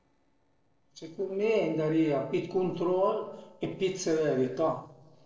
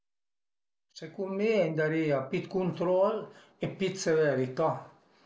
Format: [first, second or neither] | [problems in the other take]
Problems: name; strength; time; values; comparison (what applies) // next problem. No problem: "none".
second | noise reduction (neural separator model SepFormer DNS4)